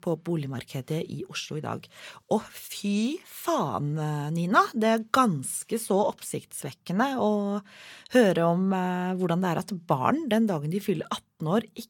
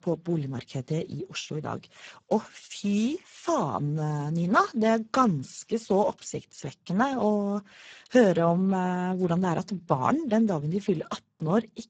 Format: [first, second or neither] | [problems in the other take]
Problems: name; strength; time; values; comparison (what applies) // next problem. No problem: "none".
first | garbled, watery; badly; nothing above 7.5 kHz